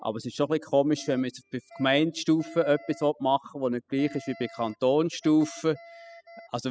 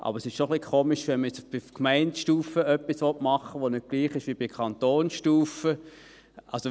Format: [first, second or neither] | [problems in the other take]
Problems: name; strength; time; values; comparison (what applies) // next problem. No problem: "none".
second | noise reduction (classical method spectral subtraction)